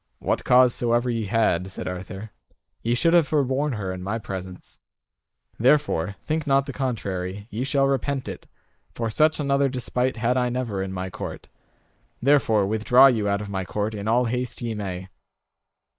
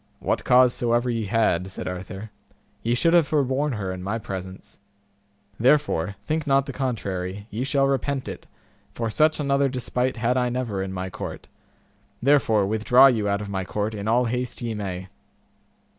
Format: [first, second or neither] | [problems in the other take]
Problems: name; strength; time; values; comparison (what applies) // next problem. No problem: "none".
second | noise reduction (neural mask model Resemble Enhance denoiser)